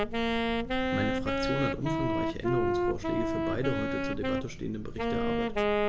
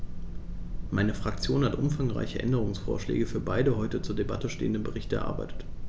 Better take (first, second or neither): second